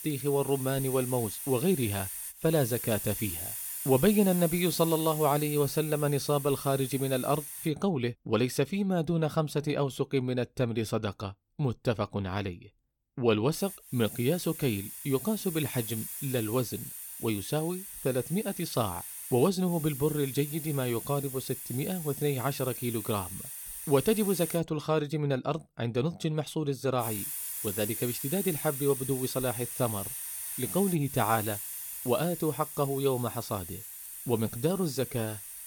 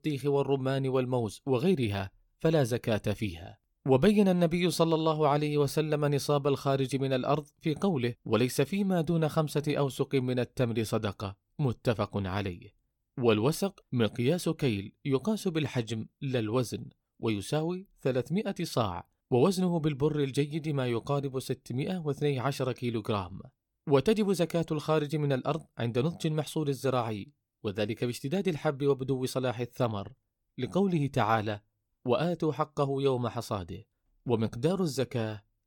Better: second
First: hiss; loud; until 7.5 s, from 14 to 25 s and from 27 s on; 7 dB below the speech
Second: none

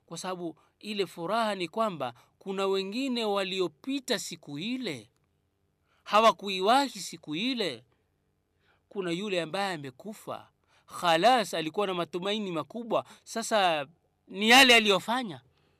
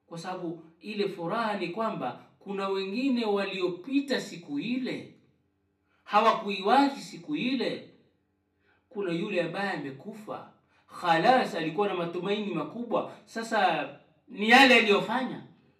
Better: first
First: none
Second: room echo; slight; dies away in 0.4 s // off-mic speech; far

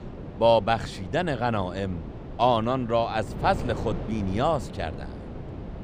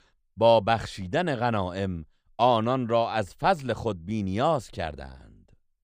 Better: second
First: wind noise on the microphone; occasional gusts; 15 dB below the speech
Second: none

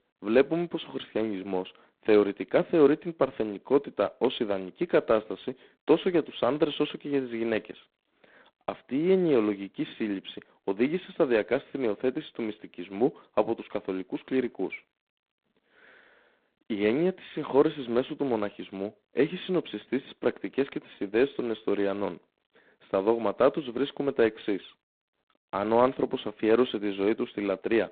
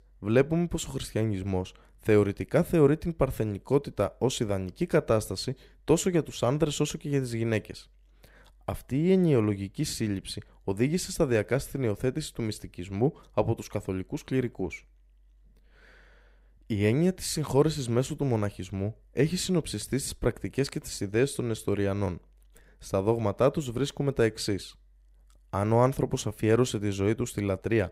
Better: second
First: phone-call audio; poor line; nothing above 4 kHz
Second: none

